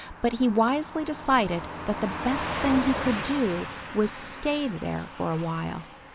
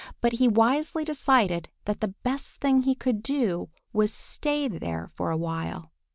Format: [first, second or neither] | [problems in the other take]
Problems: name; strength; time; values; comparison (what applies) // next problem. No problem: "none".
second | background sound (Car passing by / Truck); 8 dB below the speech